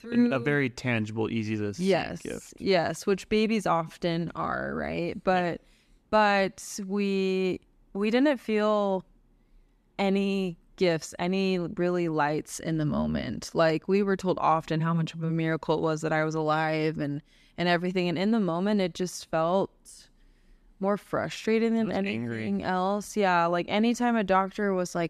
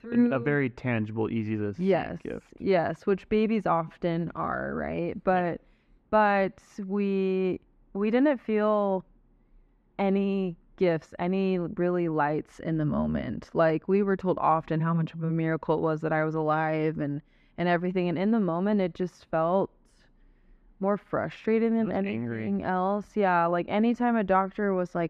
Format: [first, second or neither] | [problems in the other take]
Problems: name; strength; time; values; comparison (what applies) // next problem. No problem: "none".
first | muffled; very; fading above 4 kHz